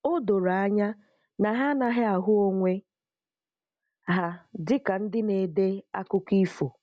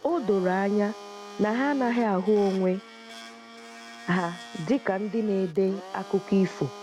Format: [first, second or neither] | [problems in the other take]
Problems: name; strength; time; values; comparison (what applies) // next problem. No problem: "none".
first | background sound (Domestic sounds, home sounds); 16 dB below the speech